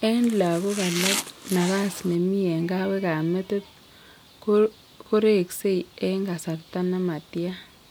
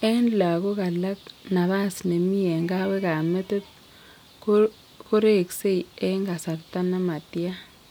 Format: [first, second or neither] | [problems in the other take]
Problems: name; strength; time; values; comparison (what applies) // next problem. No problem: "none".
second | background sound (Domestic sounds, home sounds); 7 dB below the speech